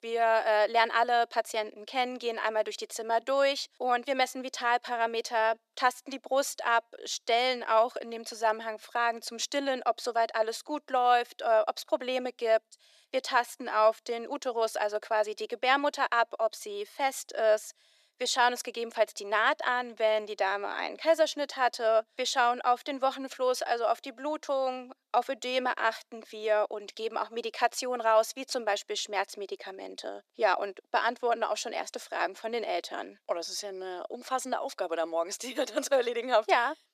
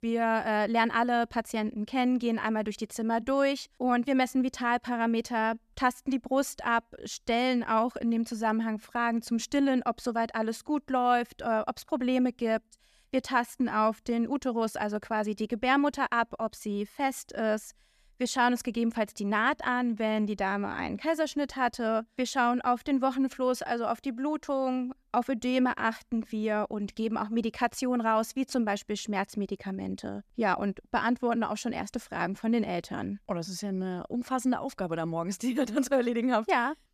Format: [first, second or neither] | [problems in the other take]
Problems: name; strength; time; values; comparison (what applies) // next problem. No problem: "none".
second | thin; very; fading below 350 Hz